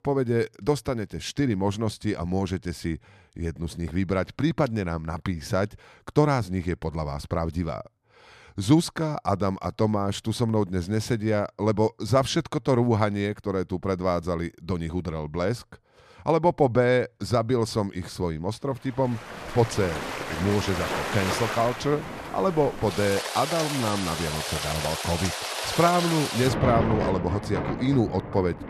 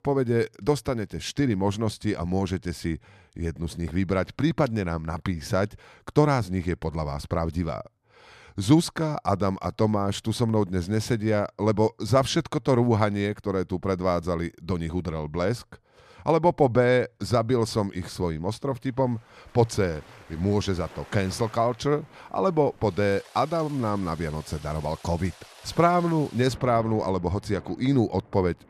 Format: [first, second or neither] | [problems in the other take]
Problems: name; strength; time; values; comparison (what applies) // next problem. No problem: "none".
second | rain or running water; loud; from 19 s on; 4 dB below the speech; faint in the second